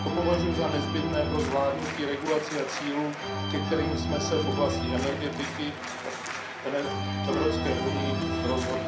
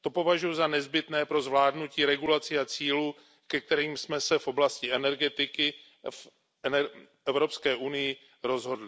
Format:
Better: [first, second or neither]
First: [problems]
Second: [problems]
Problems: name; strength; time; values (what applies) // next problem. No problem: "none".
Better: second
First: background sound (Organ); as loud as the speech // room echo; dies away in 0.6 s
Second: none